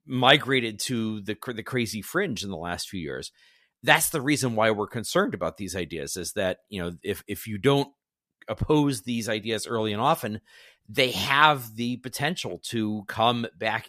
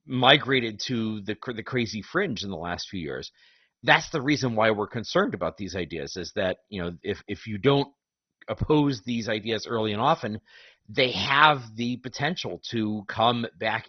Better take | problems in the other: first | garbled, watery; badly; nothing above 6 kHz

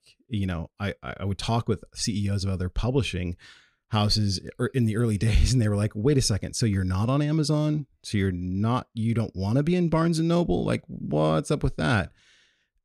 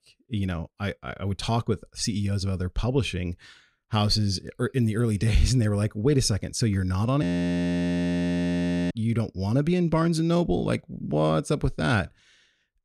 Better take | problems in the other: first | audio freezing; at 7 s for 1.5 s

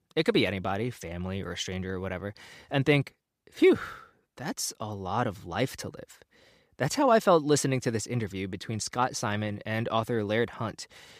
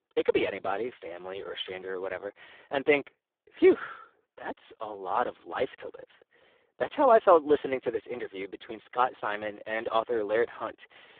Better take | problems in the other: first | phone-call audio; poor line

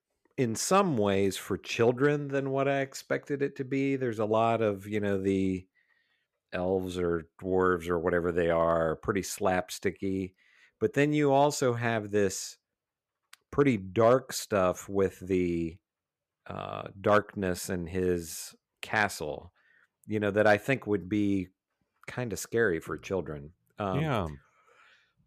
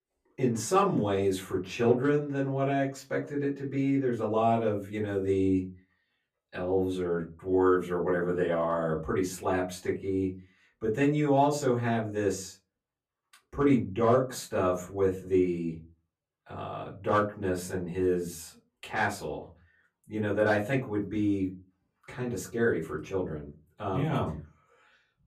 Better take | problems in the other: first | off-mic speech; far // room echo; very slight; dies away in 0.3 s

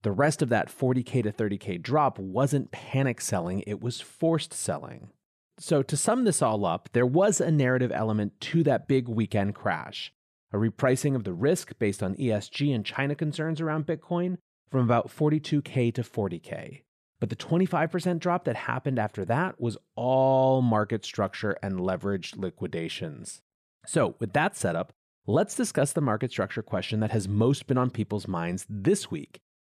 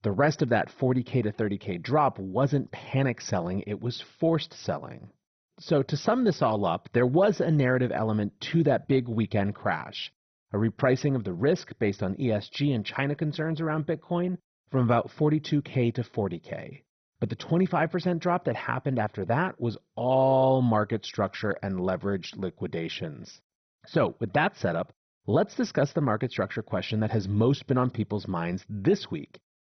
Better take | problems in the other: first | garbled, watery; badly; nothing above 6 kHz

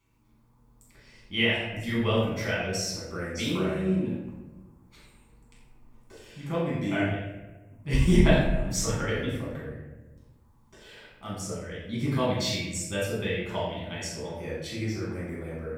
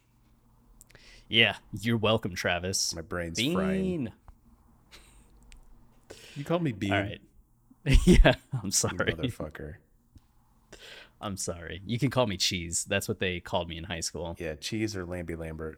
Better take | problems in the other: second | room echo; strong; dies away in 1 s // off-mic speech; far

